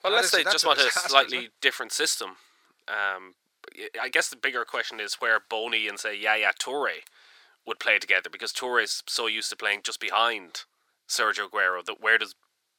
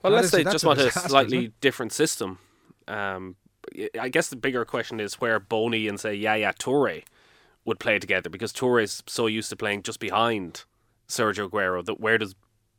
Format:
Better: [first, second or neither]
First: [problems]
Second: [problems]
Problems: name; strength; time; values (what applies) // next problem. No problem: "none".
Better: second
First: thin; very; fading below 650 Hz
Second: none